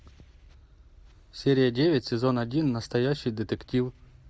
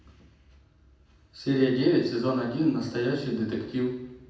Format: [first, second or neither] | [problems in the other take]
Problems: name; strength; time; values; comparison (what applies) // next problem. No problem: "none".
first | room echo; dies away in 0.9 s